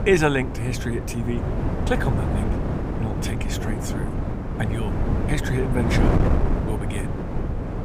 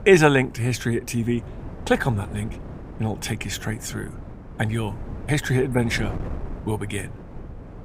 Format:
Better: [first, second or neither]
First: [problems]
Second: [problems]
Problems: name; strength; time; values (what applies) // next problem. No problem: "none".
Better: second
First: wind noise on the microphone; heavy; 2 dB below the speech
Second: wind noise on the microphone; occasional gusts; 15 dB below the speech